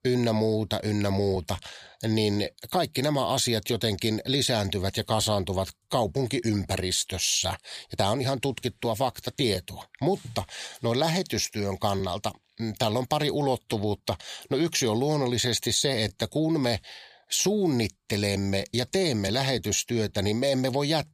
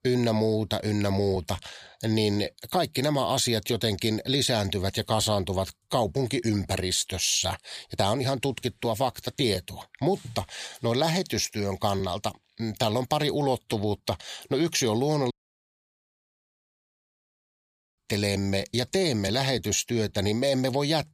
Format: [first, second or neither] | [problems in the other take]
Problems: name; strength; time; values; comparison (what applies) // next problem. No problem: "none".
first | audio cutting out; at 15 s for 2.5 s